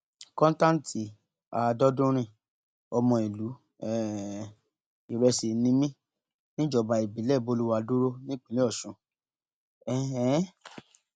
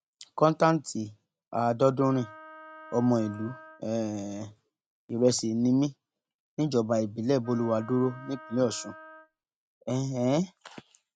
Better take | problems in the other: first | background sound (Wind instrument, woodwind instrument); 19 dB below the speech

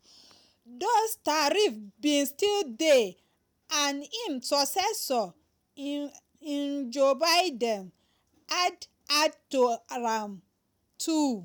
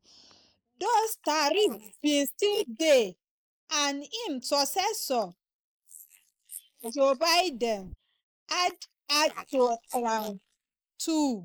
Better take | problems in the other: first | noise reduction (neural mask model Resemble Enhance denoiser)

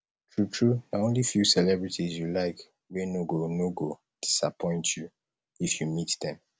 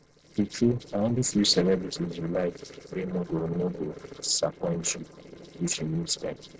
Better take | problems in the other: first | noise reduction (neural separator model SepFormer DNS4)

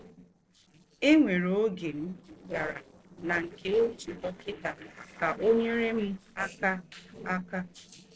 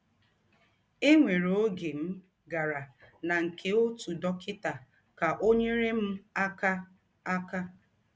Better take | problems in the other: second | noise reduction (neural separator model SepFormer DNS4)

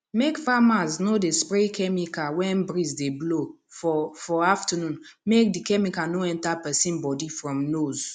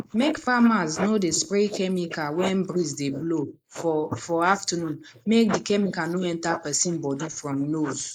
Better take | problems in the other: first | noise reduction (neural mask model Resemble Enhance denoiser)

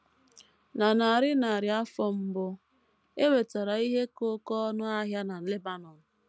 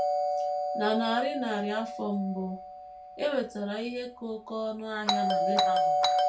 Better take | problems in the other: first | background sound (Doorbell); 3 dB above the speech // room echo; dies away in 0.3 s

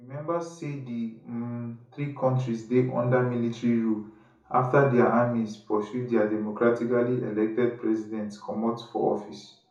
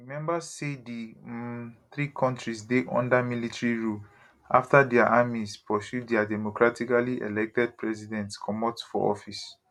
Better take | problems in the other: second | room echo; dies away in 0.6 s

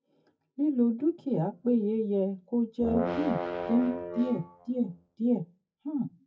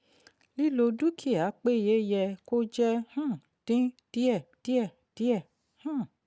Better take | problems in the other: second | noise reduction (classical method WPE with log-MMSE)

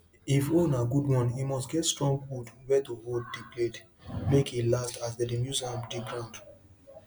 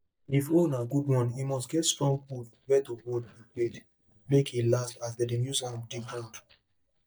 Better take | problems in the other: first | noise reduction (neural mask model DeepFilterNet 3)

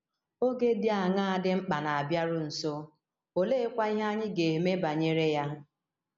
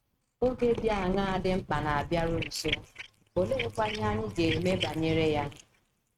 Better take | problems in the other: first | noise reduction (neural mask model RNNoise)

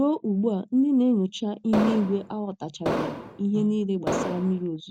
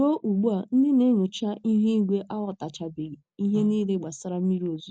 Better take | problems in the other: second | background sound (Explosion); 4 dB below the speech

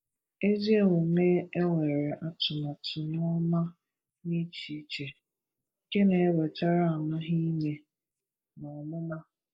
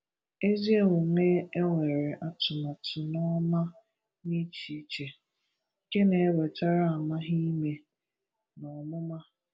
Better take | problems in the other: second | noise reduction (neural mask model Resemble Enhance denoiser)

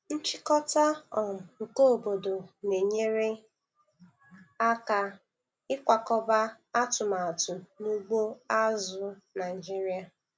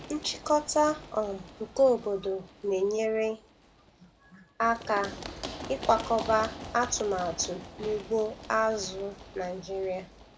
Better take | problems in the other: first | background sound (Run); 14 dB below the speech

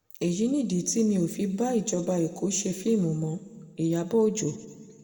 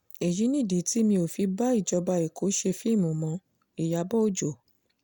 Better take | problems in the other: second | room echo; dies away in 1.2 s

